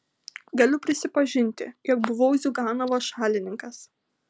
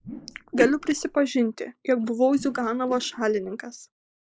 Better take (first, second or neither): first